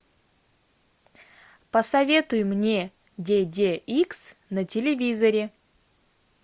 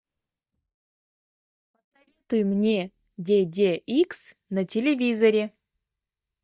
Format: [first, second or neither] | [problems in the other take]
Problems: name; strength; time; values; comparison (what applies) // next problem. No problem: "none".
first | noise reduction (neural mask model DeepFilterNet 3)